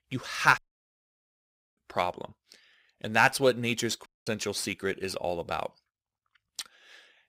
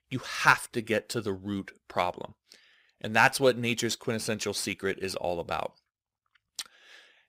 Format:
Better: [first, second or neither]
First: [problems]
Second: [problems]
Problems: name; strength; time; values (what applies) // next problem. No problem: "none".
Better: second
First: audio cutting out; at 0.5 s for 1 s and at 4 s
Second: none